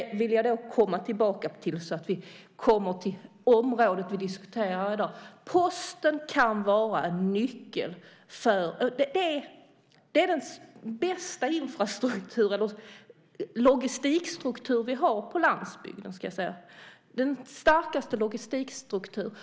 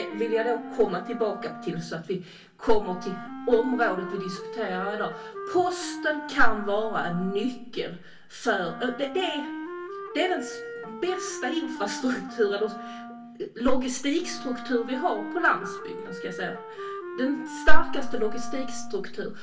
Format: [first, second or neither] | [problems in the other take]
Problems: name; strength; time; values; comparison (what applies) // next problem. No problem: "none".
first | background sound (Wind instrument, woodwind instrument); 13 dB below the speech // room echo; dies away in 0.1 s